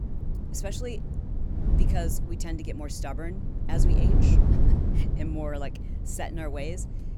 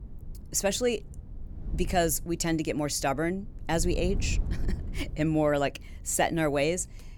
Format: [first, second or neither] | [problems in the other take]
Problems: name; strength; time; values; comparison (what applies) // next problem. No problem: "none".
second | wind noise on the microphone; heavy; 3 dB below the speech; occasional gusts in the second